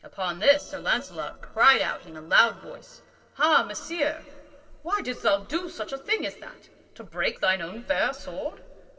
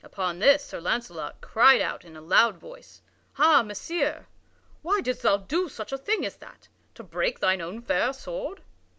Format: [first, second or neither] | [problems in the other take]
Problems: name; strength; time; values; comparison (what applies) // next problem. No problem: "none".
second | noise reduction (neural separator model SepFormer DNS4)